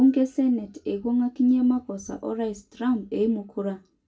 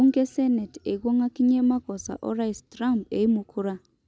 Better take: second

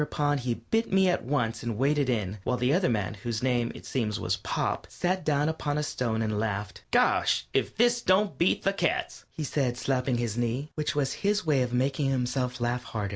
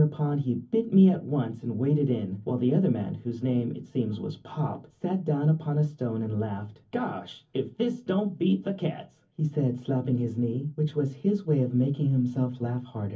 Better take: first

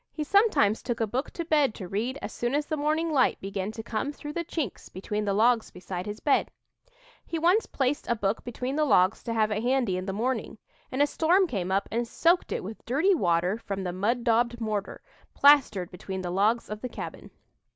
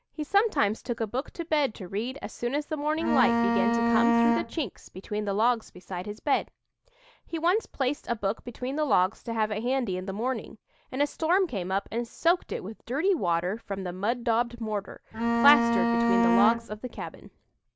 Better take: first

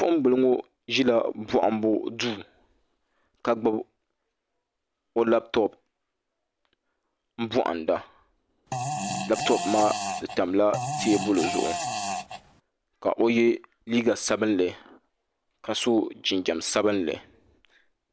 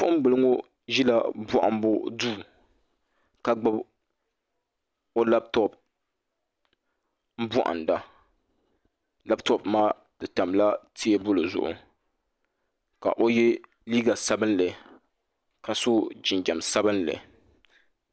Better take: second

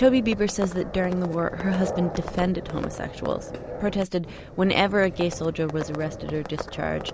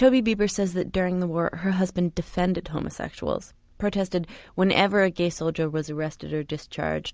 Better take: second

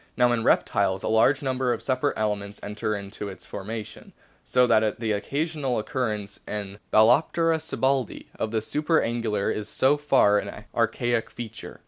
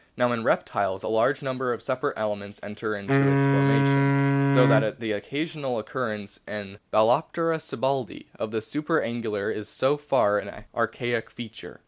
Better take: first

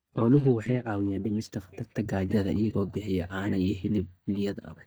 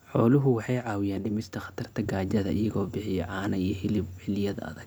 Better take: second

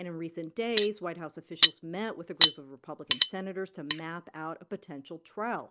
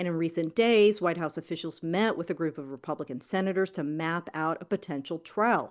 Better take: second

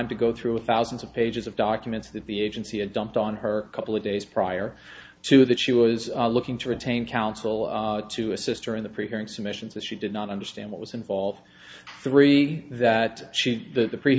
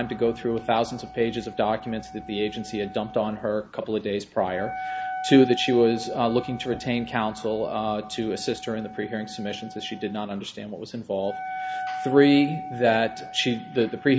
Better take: first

